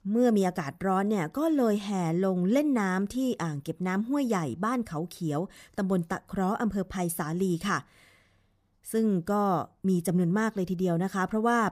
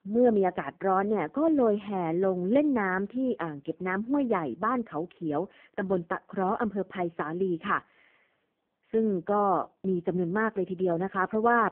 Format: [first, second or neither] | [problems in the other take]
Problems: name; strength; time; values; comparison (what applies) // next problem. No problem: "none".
first | phone-call audio; poor line